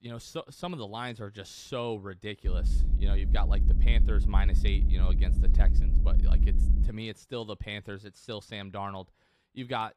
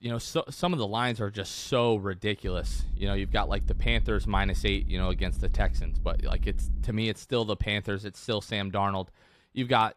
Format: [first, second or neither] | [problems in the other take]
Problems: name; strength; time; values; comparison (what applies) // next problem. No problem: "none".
second | low rumble; loud; from 2.5 to 7 s; 8 dB below the speech; faint in the second